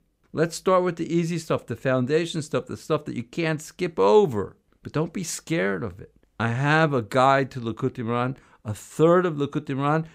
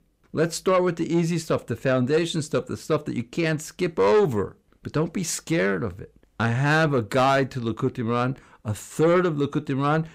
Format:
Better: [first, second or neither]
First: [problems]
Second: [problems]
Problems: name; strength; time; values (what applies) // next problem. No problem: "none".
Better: first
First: none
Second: distortion; slight; 10 dB below the speech